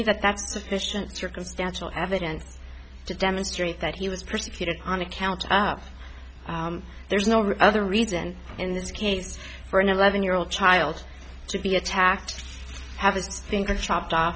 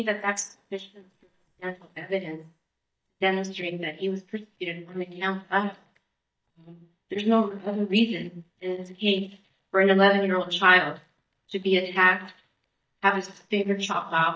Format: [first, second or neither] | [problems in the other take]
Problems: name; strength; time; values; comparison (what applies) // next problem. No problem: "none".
first | noise reduction (neural mask model DeepFilterNet 3)